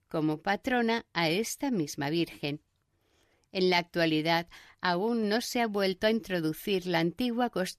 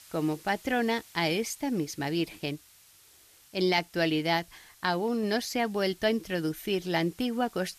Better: first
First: none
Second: hiss; faint; throughout; 25 dB below the speech

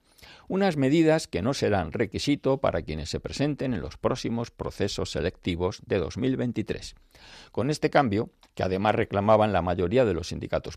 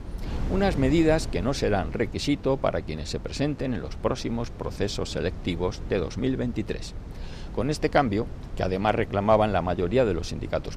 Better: first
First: none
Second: wind noise on the microphone; occasional gusts; 20 dB below the speech

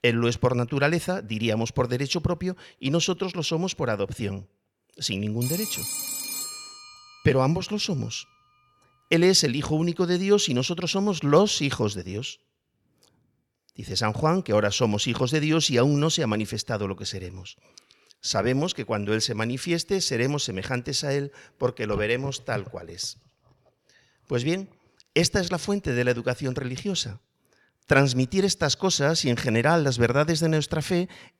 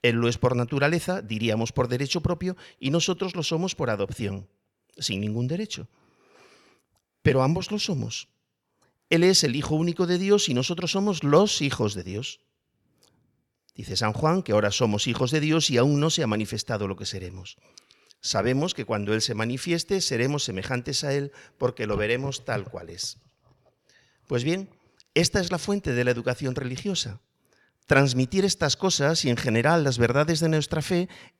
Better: second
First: phone ringing; noticeable; from 5.5 to 7 s; peak 3 dB below the speech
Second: none

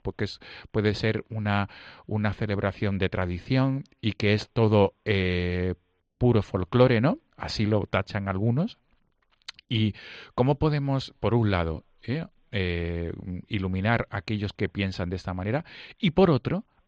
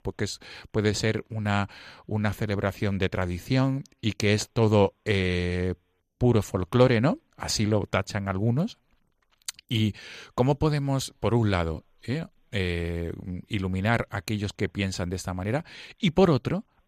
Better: second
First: muffled; very slightly; fading above 4.5 kHz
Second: none

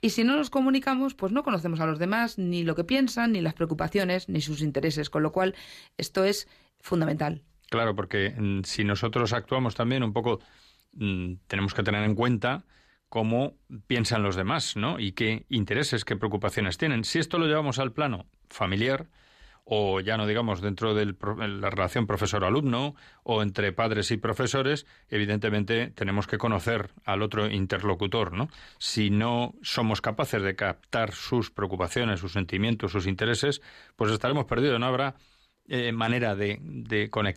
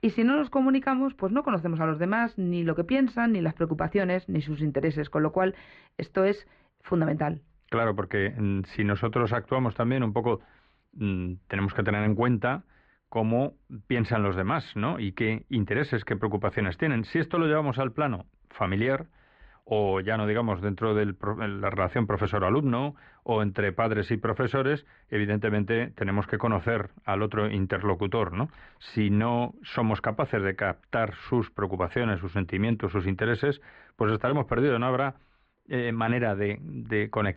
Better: first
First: none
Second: muffled; very; fading above 2 kHz

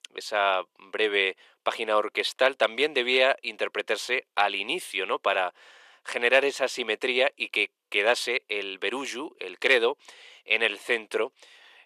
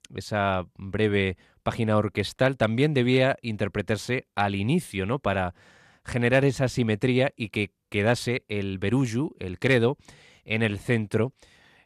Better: second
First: thin; very; fading below 400 Hz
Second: none

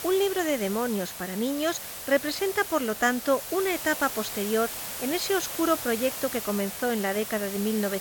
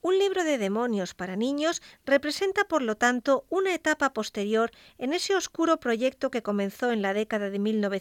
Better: second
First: hiss; loud; throughout; 6 dB below the speech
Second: none

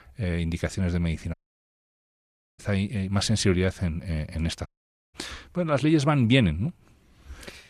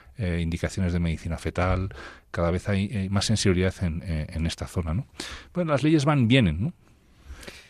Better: second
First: audio cutting out; at 1.5 s for 1 s and at 4.5 s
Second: none

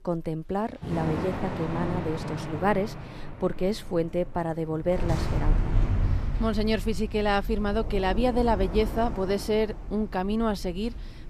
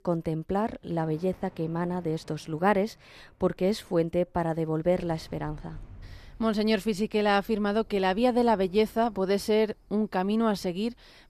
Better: second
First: rain or running water; loud; throughout; 5 dB below the speech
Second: rain or running water; faint; throughout; 25 dB below the speech

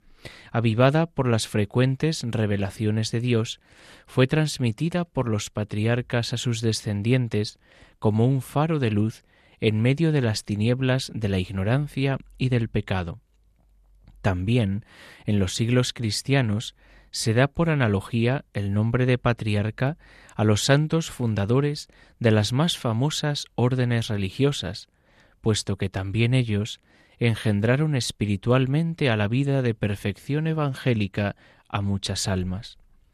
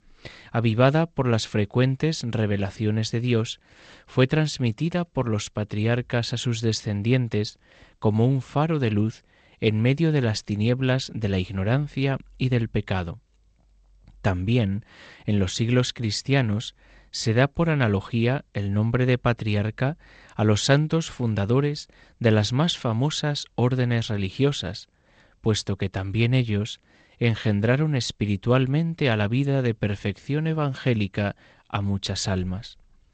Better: first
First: none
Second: garbled, watery; slightly; nothing above 8 kHz

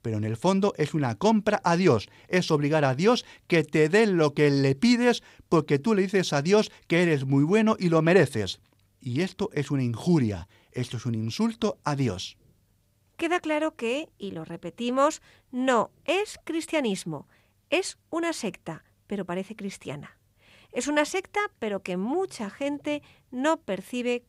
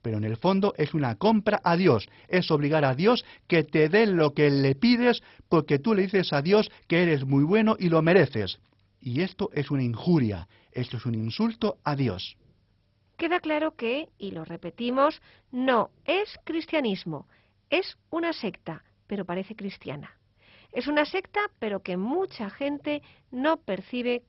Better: first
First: none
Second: garbled, watery; badly; nothing above 5.5 kHz

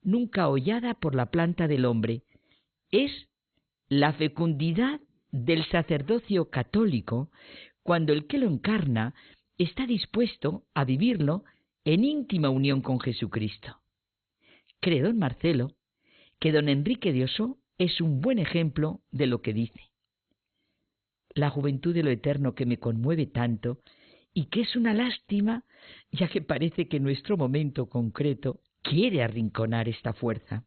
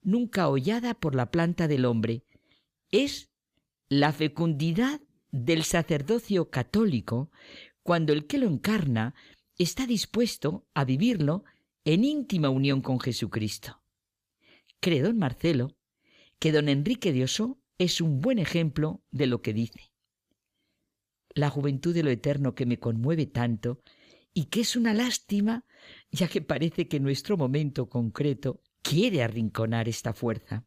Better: second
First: garbled, watery; badly; nothing above 4 kHz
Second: none

